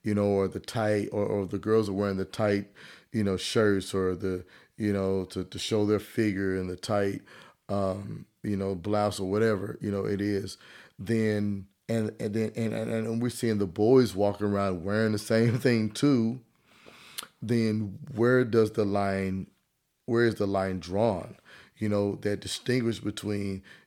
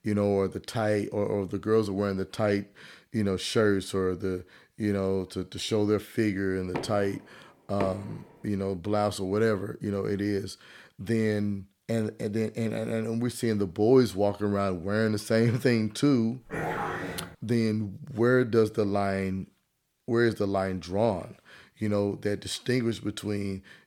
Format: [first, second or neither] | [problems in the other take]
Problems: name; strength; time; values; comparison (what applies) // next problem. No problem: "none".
first | door banging; noticeable; from 6.5 to 8 s; peak 9 dB below the speech // dog barking; noticeable; at 16 s; peak 3 dB below the speech